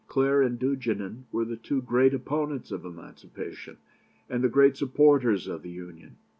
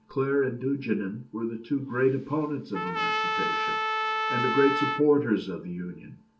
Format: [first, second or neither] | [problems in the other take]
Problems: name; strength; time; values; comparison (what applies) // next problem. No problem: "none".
first | background sound (Trumpet); 2 dB below the speech // room echo; dies away in 0.3 s